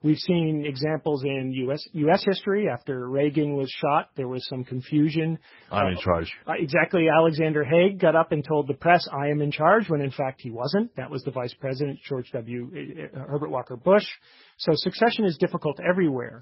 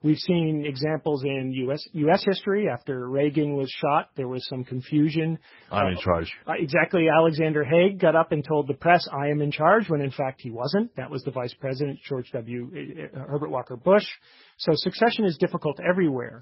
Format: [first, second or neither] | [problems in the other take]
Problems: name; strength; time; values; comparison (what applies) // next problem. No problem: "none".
neither | garbled, watery; badly; nothing above 5.5 kHz; the same in both